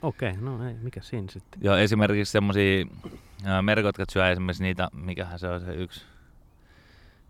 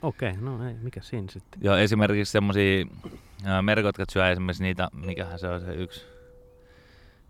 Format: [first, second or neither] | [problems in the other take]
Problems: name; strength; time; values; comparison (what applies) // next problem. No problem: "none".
first | doorbell; faint; from 5 to 6.5 s; peak 15 dB below the speech